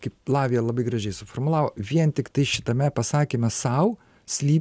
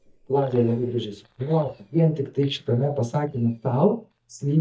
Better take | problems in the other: first | noise reduction (neural mask model DeepFilterNet 3)

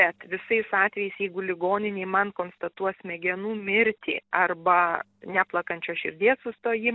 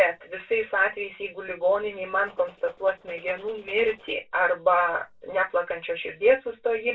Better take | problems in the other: first | noise reduction (neural separator model SepFormer DNS4)

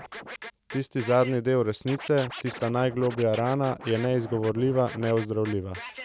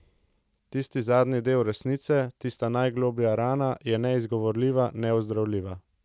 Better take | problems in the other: second | background sound (Scratching (performance technique)); 15 dB below the speech

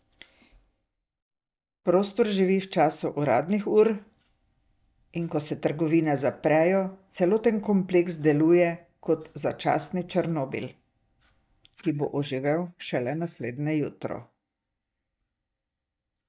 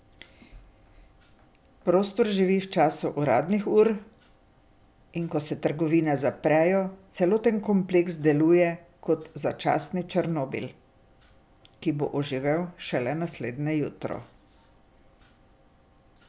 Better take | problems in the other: second | noise reduction (neural mask model DeepFilterNet 3)

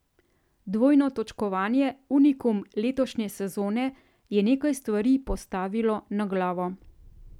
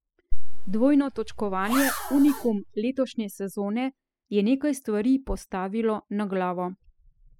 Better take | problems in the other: first | noise reduction (classical method spectral subtraction)

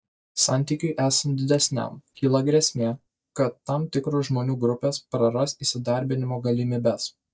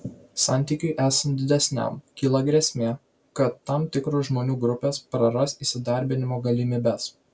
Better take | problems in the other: second | noise reduction (neural mask model DeepFilterNet 3)

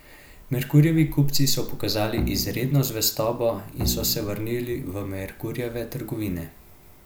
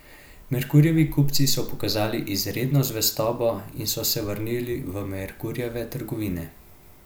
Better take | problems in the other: second | background sound (Bowed string instrument); 9 dB below the speech

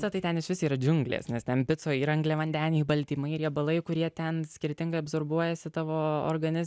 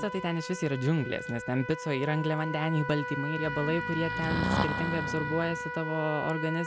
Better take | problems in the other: first | background sound (Trumpet + Breathing); 4 dB below the speech

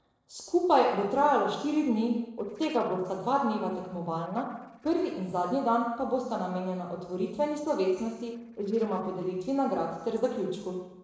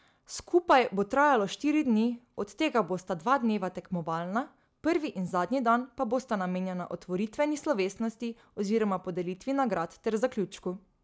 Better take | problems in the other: second | noise reduction (neural separator model SepFormer DNS4)

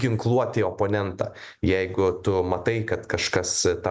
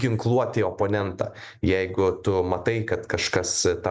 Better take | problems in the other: first | noise reduction (neural mask model Resemble Enhance denoiser)

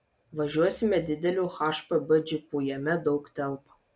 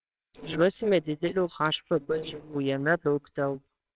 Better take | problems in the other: first | noise reduction (neural separator model SepFormer WHAMR!)

